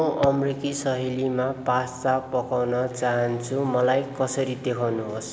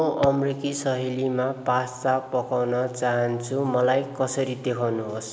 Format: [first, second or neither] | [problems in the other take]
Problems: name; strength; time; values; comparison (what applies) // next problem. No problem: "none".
second | background sound (Electric guitar); 19 dB below the speech